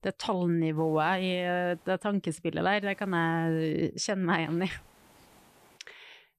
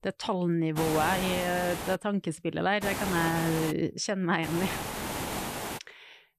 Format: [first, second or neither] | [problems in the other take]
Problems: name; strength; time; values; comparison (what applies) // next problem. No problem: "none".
first | hiss; loud; from 1 to 2 s, at 3 s and from 4.5 to 6 s; 5 dB below the speech; faint in the first